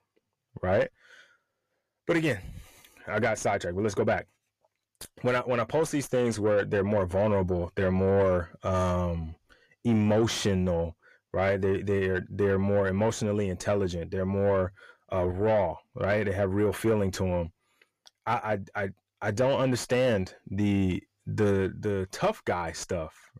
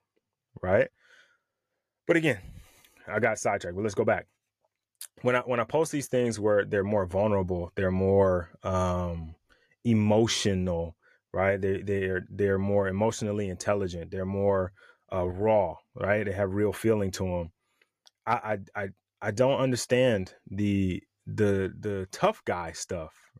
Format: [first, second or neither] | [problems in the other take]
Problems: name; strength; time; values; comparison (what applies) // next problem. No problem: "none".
second | distortion; slight; 10 dB below the speech